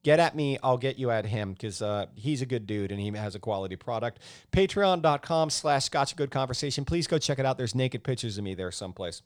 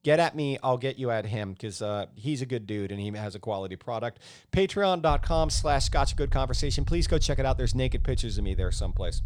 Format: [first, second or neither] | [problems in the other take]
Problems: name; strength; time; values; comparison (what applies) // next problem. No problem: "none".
first | low rumble; faint; from 5 s on; 20 dB below the speech